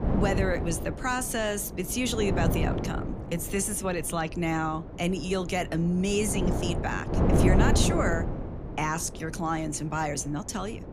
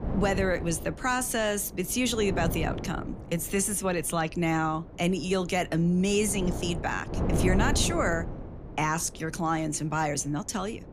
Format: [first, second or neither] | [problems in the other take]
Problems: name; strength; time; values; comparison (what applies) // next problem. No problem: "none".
second | wind noise on the microphone; heavy; 5 dB below the speech; occasional gusts in the second